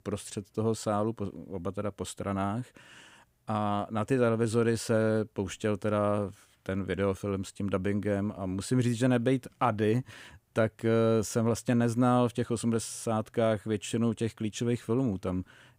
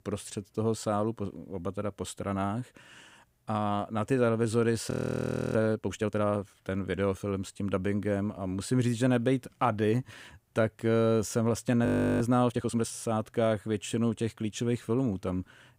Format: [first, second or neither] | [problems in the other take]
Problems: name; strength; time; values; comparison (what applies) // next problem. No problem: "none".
first | audio freezing; at 5 s for 0.5 s and at 12 s